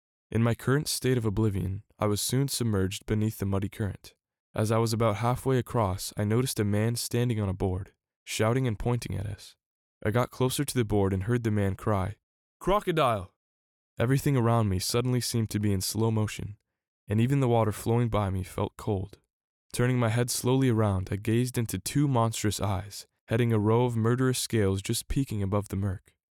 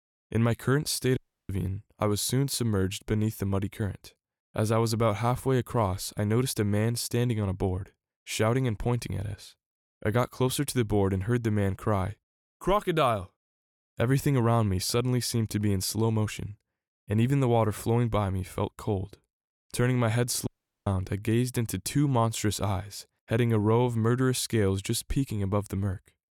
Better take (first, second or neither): first